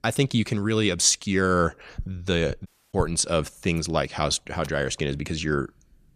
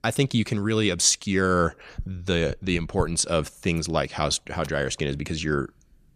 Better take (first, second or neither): second